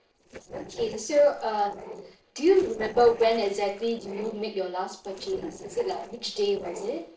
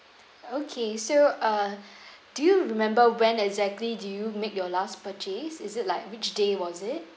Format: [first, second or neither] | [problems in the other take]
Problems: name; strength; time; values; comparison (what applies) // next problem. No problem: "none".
second | noise reduction (neural separator model SepFormer DNS4)